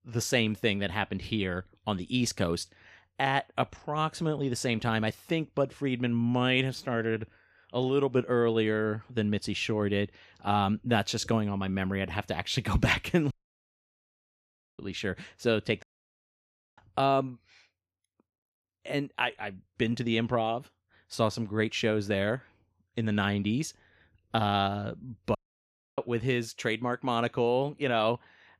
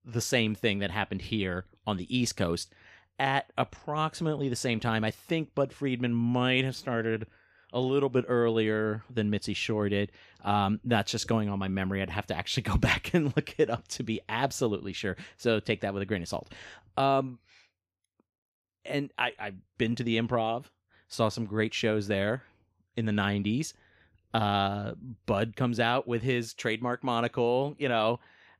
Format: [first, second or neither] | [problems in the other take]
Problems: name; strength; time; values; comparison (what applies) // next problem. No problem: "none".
second | audio cutting out; at 13 s for 1.5 s, at 16 s for 1 s and at 25 s for 0.5 s